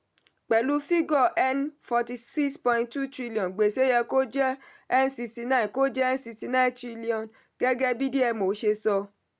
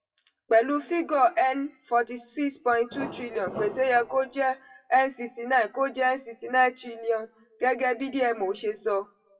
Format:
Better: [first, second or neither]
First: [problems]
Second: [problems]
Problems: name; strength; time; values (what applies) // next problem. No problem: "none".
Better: first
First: none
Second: noise reduction (classical method WPE with log-MMSE)